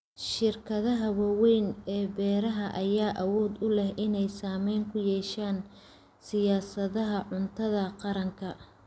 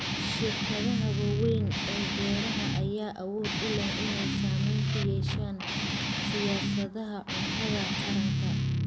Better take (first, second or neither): first